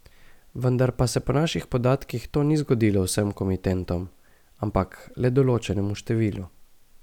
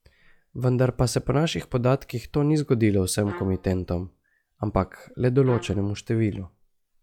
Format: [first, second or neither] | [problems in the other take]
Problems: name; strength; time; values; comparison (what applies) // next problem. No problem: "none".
first | noise reduction (classical method log-MMSE)